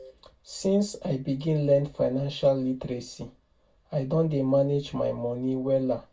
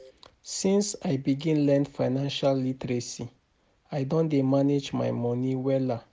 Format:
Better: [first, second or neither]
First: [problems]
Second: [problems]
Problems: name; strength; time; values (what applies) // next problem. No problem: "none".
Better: second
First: room echo; dies away in 0.1 s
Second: none